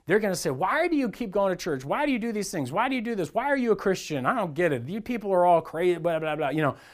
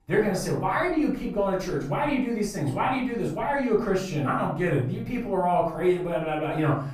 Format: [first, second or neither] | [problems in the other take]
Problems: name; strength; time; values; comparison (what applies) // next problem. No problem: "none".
first | off-mic speech; far // room echo; noticeable; dies away in 0.6 s